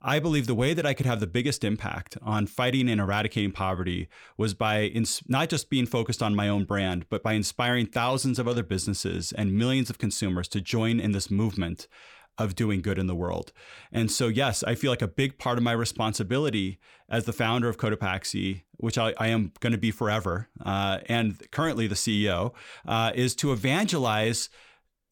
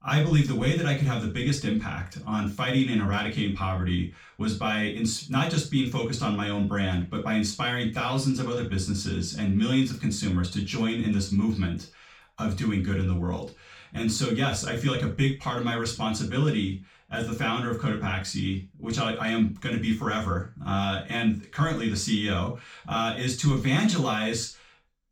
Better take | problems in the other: first | room echo; slight; dies away in 0.3 s // off-mic speech; far

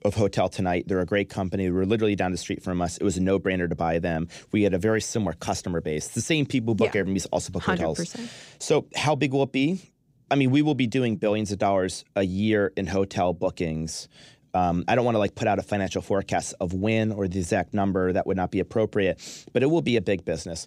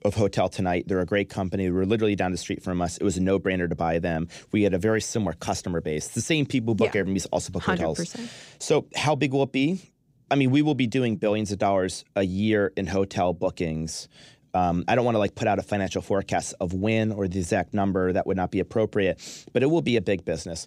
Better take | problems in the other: neither | none

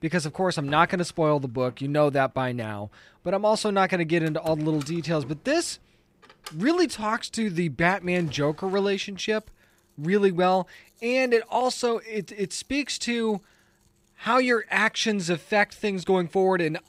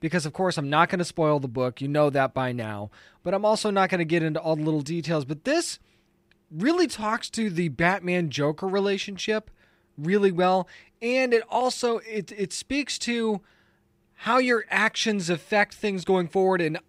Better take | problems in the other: second | household noises; faint; throughout; 25 dB below the speech

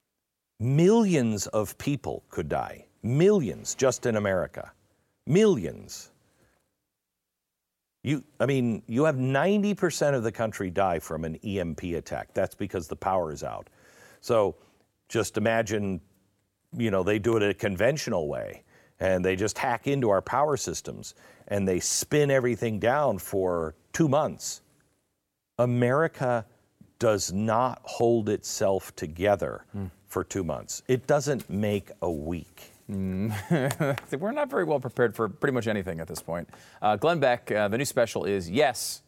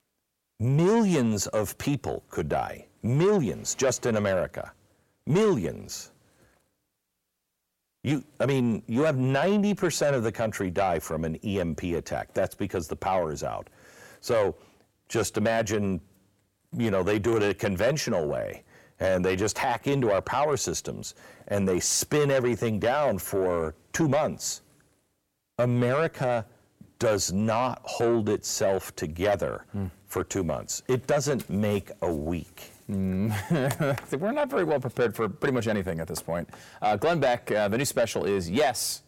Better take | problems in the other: first | distortion; slight; 10 dB below the speech

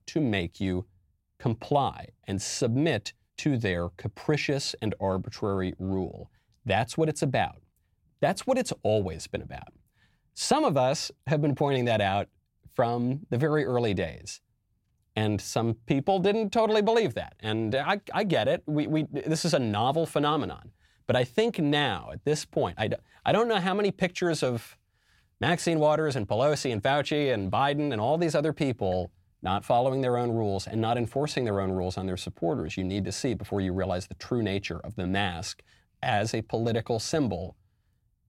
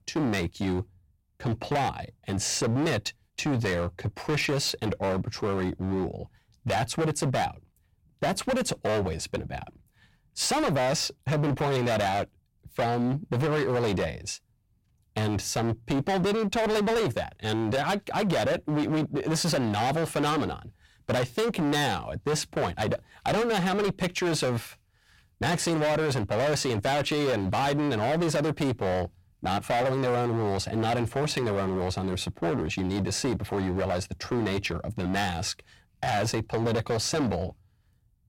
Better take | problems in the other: first | distortion; heavy; 21% of the sound clipped

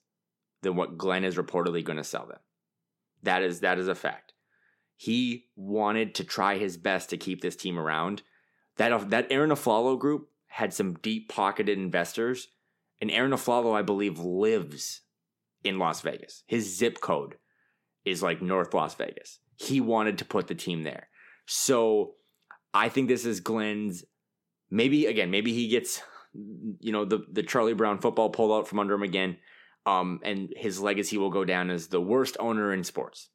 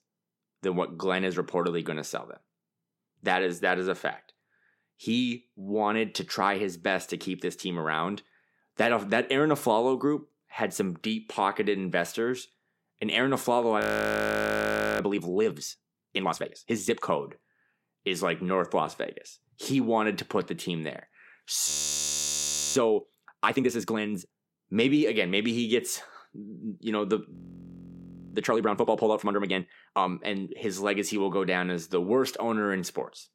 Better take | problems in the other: first | audio freezing; at 14 s for 1 s, at 22 s for 1 s and at 27 s for 1 s

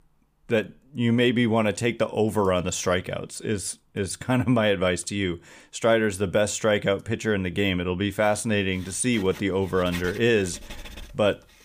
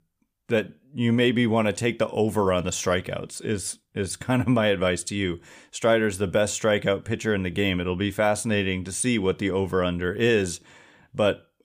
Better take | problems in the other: second | household noises; noticeable; throughout; 20 dB below the speech

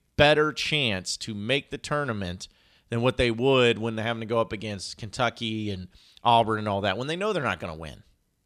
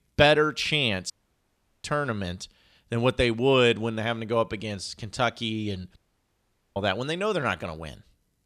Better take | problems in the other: first | audio cutting out; at 1 s for 0.5 s and at 6 s for 1 s

